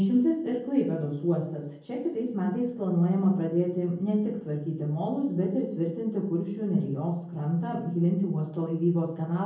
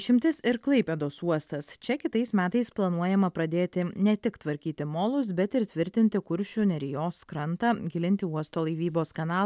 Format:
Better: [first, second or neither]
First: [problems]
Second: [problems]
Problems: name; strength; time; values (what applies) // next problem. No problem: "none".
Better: second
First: room echo; dies away in 0.7 s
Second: none